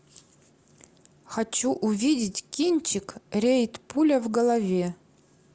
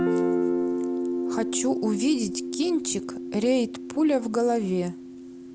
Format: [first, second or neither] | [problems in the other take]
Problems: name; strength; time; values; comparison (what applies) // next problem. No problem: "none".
first | background sound (Guitar); 2 dB below the speech